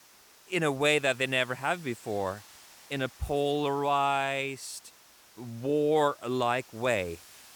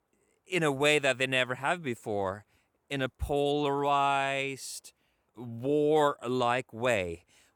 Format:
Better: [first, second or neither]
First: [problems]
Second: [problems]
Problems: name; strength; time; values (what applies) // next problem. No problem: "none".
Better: second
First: hiss; faint; throughout; 25 dB below the speech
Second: none